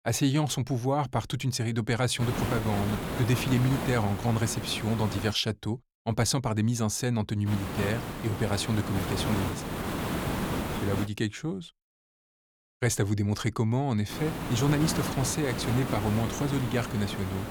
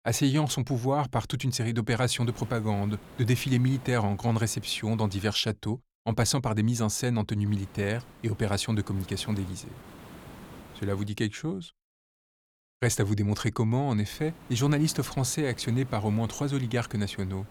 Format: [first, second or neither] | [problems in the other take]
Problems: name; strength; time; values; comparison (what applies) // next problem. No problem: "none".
second | hiss; loud; from 2 to 5.5 s, from 7.5 to 11 s and from 14 s on; 5 dB below the speech; faint in the second